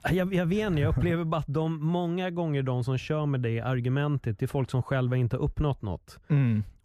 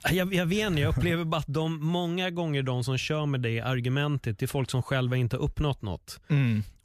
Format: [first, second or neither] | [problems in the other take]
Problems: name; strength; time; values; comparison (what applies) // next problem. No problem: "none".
second | muffled; slightly; fading above 2 kHz